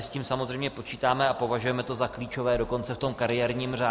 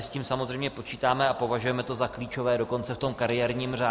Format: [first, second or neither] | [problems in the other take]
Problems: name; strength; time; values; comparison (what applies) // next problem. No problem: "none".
second | background sound (Bass drum); 17 dB below the speech